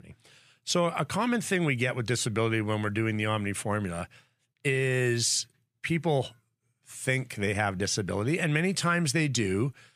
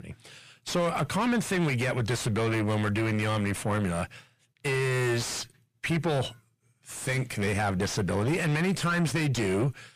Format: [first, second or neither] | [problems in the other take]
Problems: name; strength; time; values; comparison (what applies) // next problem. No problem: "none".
first | distortion; heavy; 6 dB below the speech